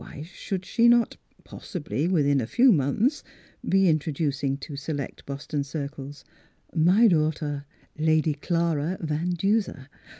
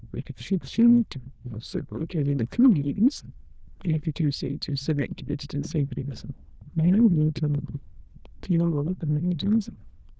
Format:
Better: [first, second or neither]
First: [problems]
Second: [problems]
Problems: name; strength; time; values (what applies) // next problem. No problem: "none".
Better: first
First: none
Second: noise reduction (neural diffusion model UNIVERSE++)